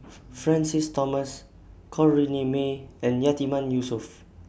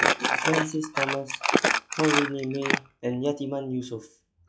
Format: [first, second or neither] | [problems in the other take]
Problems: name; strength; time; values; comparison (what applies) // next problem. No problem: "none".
first | noise reduction (classical method log-MMSE)